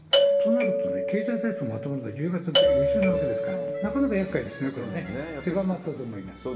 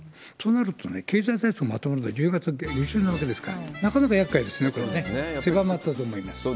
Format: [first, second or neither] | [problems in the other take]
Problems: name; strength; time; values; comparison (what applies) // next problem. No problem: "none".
second | background sound (Doorbell); 4 dB above the speech // room echo; dies away in 1.1 s